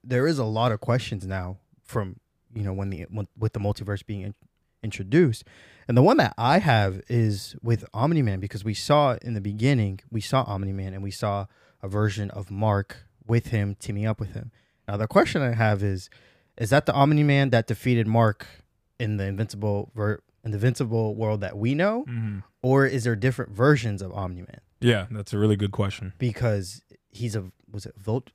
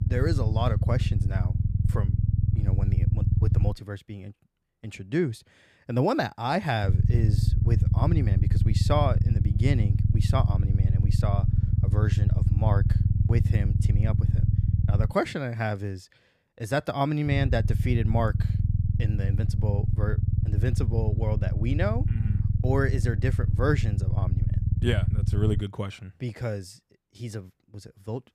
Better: first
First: none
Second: low rumble; loud; until 3.5 s, from 7 to 15 s and from 17 to 26 s; 6 dB below the speech

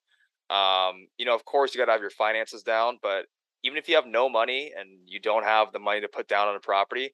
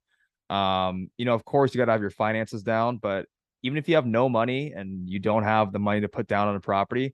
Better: second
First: thin; very; fading below 400 Hz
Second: none

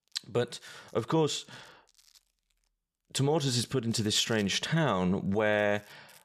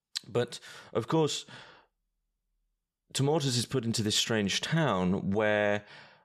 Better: second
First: household noises; faint; throughout; 30 dB below the speech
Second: none

